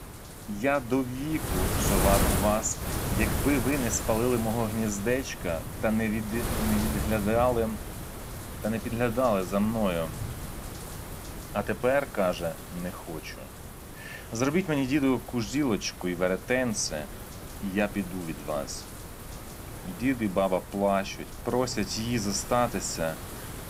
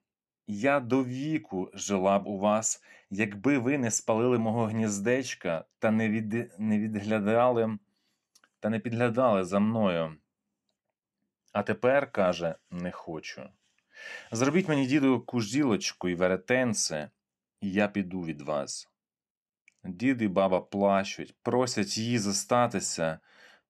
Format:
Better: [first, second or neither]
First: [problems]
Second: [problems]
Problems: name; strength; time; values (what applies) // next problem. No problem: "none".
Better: second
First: wind noise on the microphone; heavy; 9 dB below the speech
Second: none